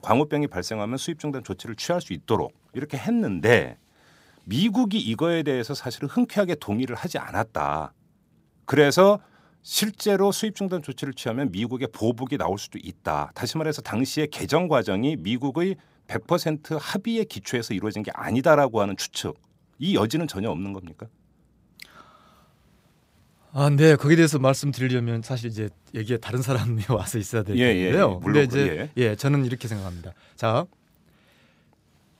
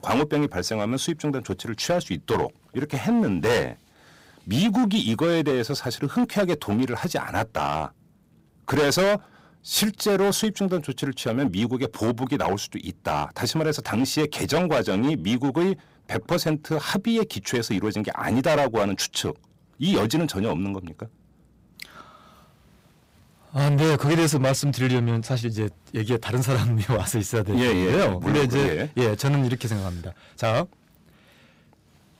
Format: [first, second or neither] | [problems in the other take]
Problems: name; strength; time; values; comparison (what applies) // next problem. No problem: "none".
first | distortion; heavy; 11% of the sound clipped